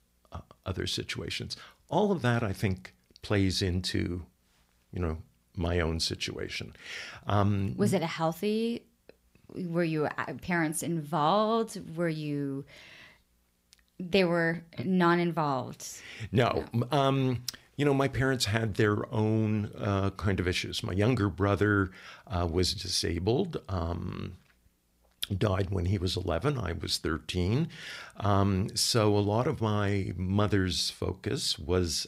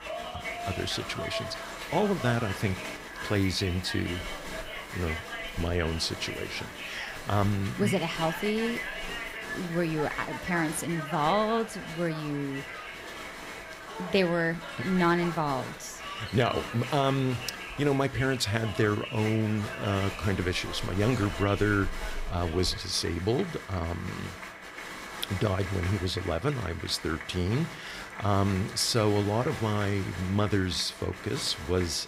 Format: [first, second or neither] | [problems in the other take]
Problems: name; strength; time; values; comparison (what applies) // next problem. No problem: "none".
first | crowd noise; loud; throughout; 8 dB below the speech